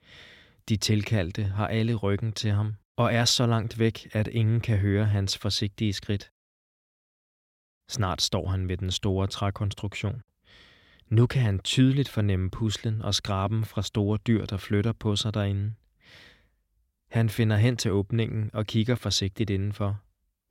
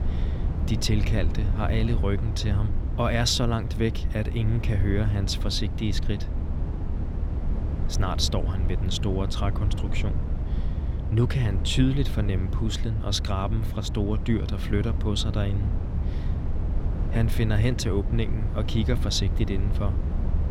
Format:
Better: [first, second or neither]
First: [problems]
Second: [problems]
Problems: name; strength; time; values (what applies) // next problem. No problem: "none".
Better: first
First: none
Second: low rumble; noticeable; throughout; 10 dB below the speech